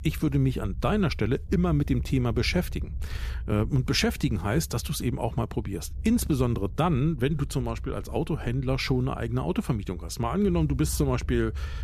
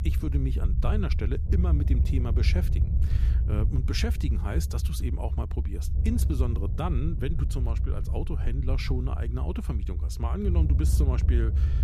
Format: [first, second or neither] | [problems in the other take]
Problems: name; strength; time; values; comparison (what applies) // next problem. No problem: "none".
first | low rumble; loud; throughout; 7 dB below the speech; faint in the first